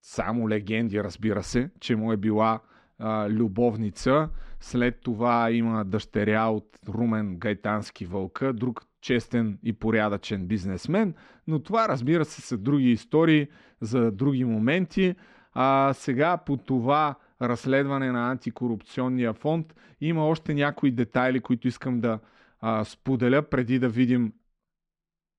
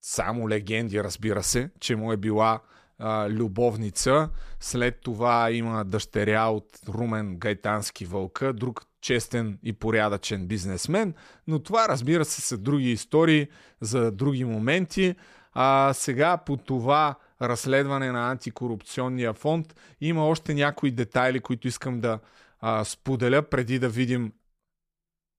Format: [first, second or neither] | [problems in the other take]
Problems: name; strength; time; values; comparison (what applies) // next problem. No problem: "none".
second | muffled; slightly; fading above 3.5 kHz